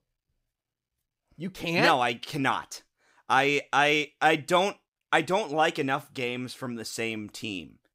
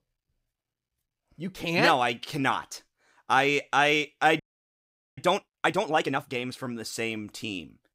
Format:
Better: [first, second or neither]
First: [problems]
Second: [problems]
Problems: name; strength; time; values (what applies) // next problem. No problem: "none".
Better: first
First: none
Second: audio freezing; at 4.5 s for 1 s